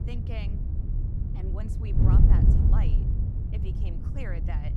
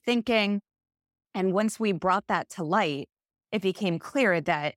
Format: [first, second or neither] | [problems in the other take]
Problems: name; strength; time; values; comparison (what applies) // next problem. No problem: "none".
second | wind noise on the microphone; heavy; 3 dB above the speech